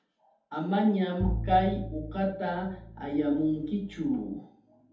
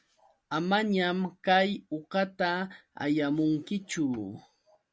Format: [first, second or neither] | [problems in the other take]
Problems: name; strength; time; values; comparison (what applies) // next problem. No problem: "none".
second | background sound (Bowed string instrument); 7 dB below the speech // room echo; dies away in 0.6 s